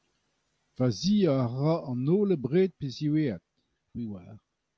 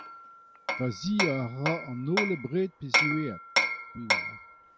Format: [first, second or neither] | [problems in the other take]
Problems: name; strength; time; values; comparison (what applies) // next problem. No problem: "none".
first | background sound (Hammer); 1 dB above the speech